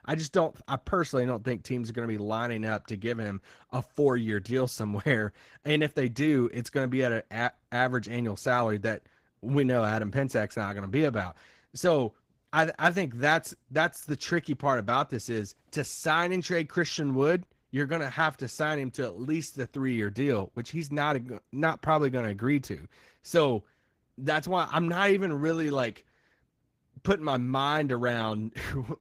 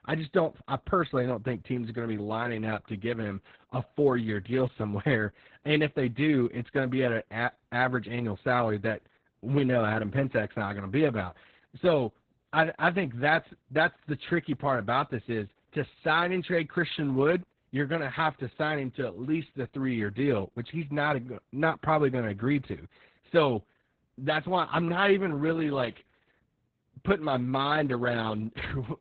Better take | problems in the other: first | garbled, watery; badly; nothing above 4 kHz; slightly in the first

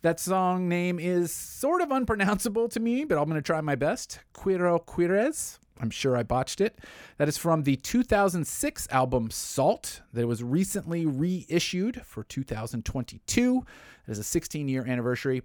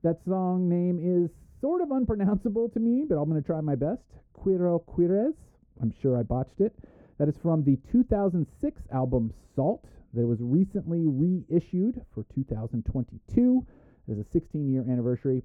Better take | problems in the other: first | muffled; very; fading above 1 kHz

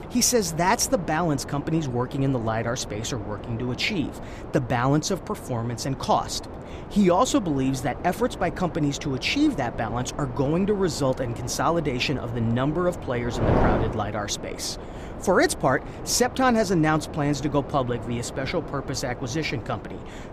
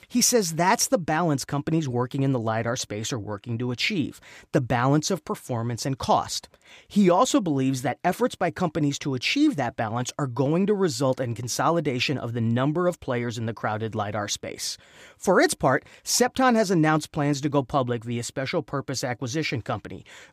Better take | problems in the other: second | wind noise on the microphone; occasional gusts; 10 dB below the speech

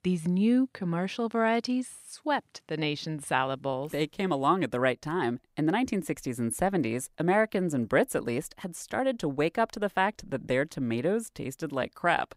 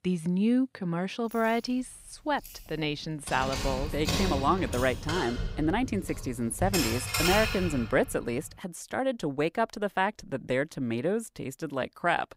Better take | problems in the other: first | jangling keys; loud; from 2.5 to 8 s; peak 4 dB above the speech

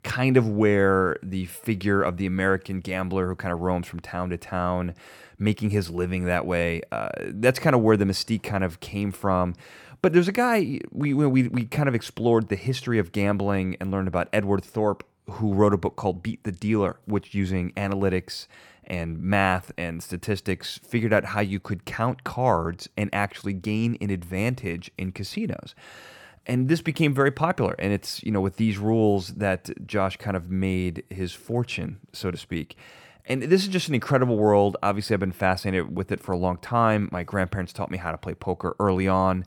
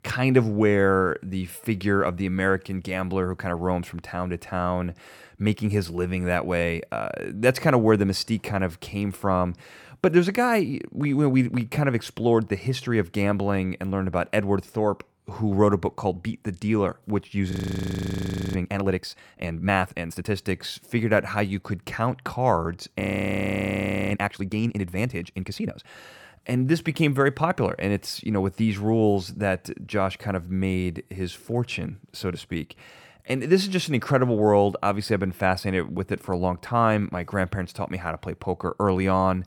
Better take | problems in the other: first | audio freezing; at 18 s for 1 s and at 23 s for 1 s

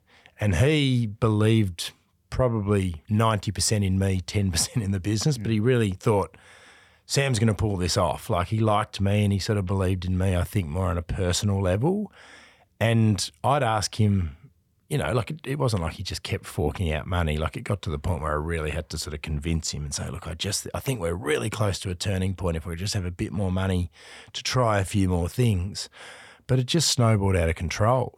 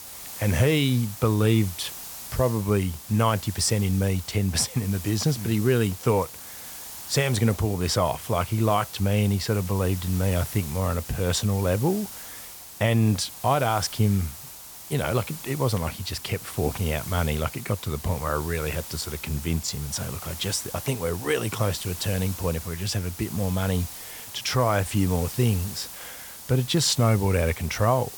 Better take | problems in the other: first | hiss; noticeable; throughout; 10 dB below the speech

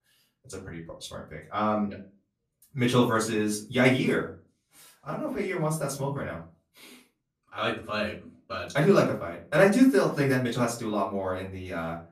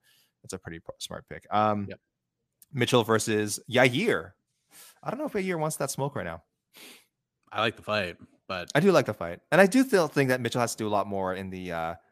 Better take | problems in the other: second | room echo; slight; dies away in 0.3 s // off-mic speech; far

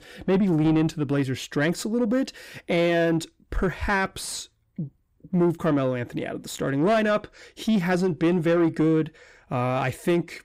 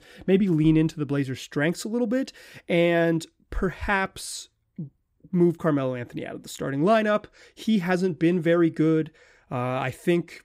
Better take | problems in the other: second | distortion; slight; 10 dB below the speech

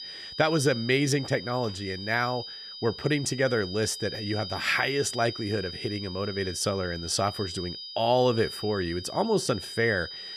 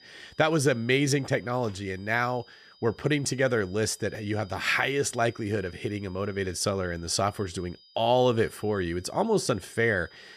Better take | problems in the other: second | high-pitched whine; loud; throughout; 5 kHz, 10 dB below the speech; faint in the second

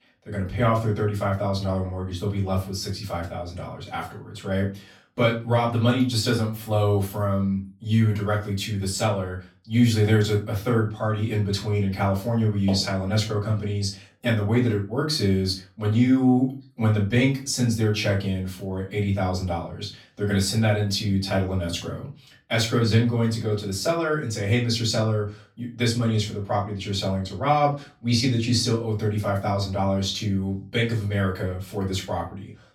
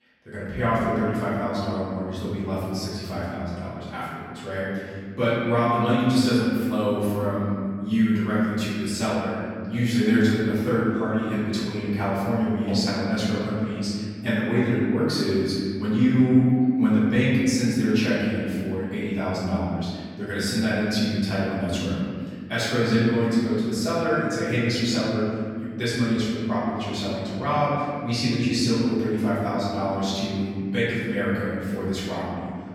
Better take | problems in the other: first | room echo; strong; dies away in 2.4 s; slight in the first // off-mic speech; far; far in the first

